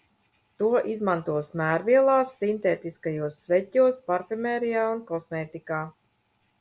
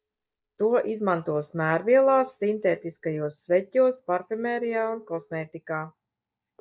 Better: first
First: none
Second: noise reduction (neural mask model DeepFilterNet 3)

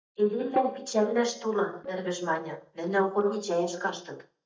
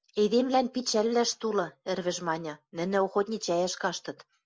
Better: second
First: noise reduction (neural mask model DeepFilterNet 3)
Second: none

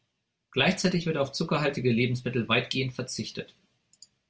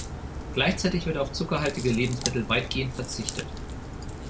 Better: first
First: none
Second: background sound (Crack); 6 dB below the speech

